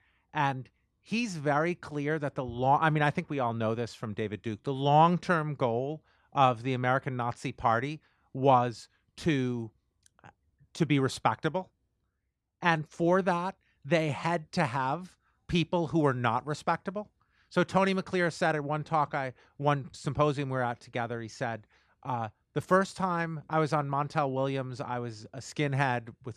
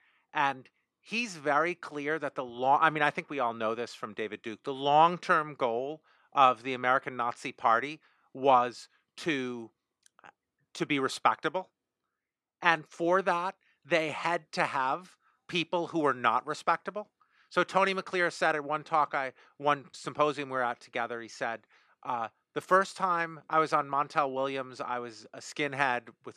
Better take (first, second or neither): first